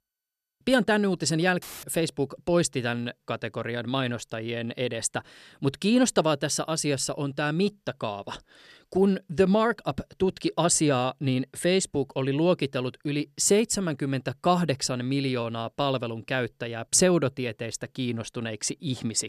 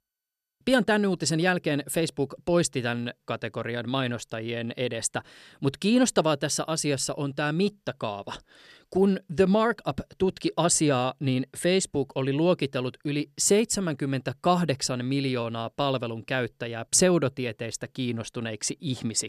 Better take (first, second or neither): second